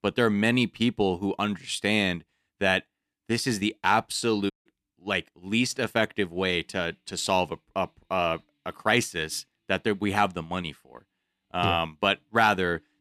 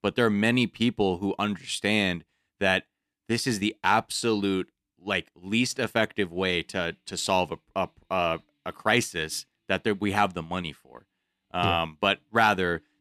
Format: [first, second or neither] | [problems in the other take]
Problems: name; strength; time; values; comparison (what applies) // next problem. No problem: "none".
second | audio cutting out; at 4.5 s